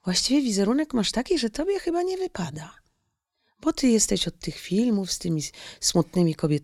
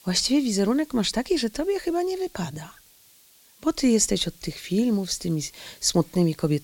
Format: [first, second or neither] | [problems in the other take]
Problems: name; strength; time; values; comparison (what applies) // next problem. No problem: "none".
first | hiss; faint; throughout; 25 dB below the speech